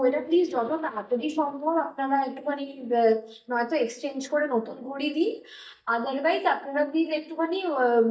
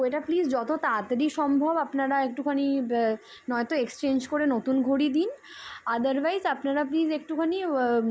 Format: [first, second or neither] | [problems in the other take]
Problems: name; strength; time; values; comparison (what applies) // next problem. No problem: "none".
second | noise reduction (neural mask model DeepFilterNet 3)